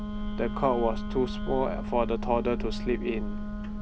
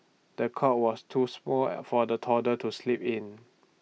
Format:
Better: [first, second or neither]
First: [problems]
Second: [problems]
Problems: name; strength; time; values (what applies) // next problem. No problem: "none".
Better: second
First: background sound (Wind instrument, woodwind instrument + Boat, Water vehicle); 2 dB below the speech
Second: none